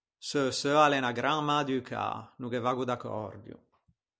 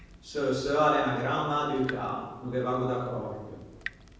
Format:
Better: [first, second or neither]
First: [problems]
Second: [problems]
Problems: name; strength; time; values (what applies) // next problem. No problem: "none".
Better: first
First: none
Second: background sound (Drip / Water tap, faucet); 18 dB below the speech // room echo; dies away in 1.1 s